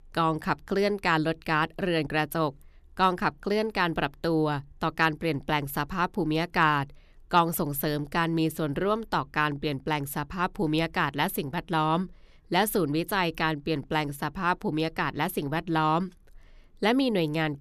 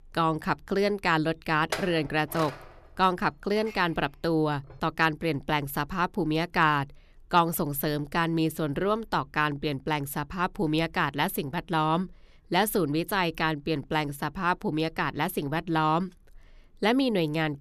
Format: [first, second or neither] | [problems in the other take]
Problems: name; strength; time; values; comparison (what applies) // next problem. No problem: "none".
first | clattering dishes; noticeable; at 1.5 s; peak 7 dB below the speech